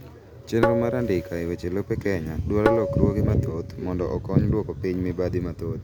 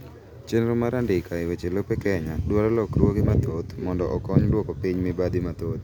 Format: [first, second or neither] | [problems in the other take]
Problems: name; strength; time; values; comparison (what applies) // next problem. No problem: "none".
second | background sound (Tabla); 4 dB below the speech